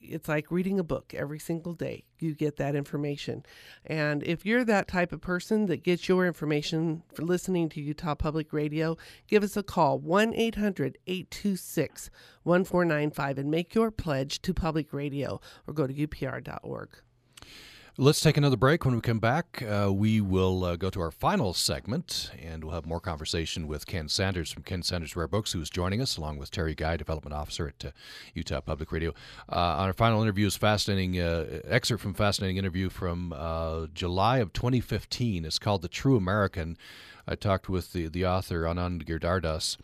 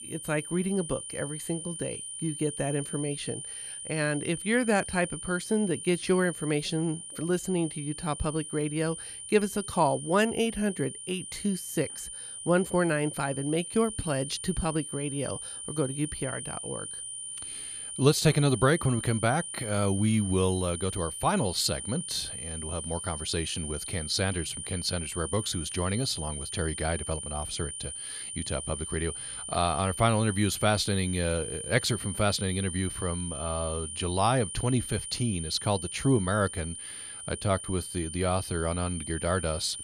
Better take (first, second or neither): first